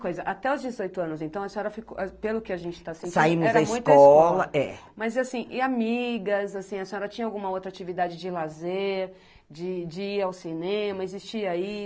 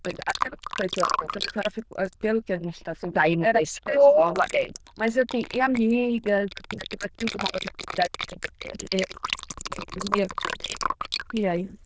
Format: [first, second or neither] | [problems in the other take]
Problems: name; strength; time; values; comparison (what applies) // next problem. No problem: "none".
first | noise reduction (neural diffusion model UNIVERSE++)